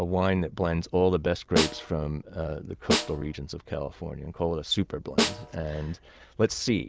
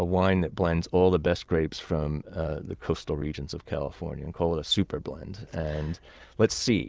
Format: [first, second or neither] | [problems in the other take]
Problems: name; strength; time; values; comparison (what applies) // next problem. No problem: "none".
second | background sound (Snare drum); 3 dB below the speech